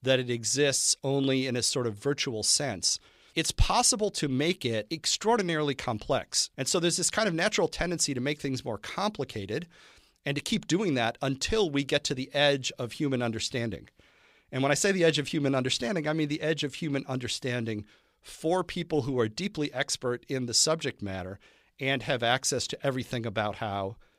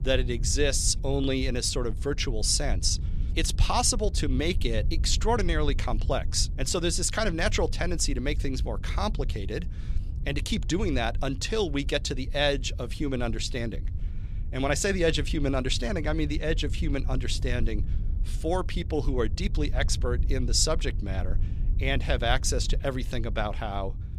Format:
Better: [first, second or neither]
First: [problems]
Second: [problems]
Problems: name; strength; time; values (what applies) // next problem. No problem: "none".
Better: first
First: none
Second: low rumble; faint; throughout; 20 dB below the speech